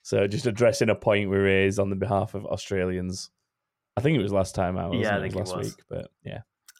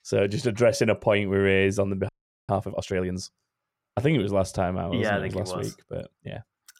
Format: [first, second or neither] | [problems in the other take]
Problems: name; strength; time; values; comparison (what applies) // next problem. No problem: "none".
first | audio freezing; at 2 s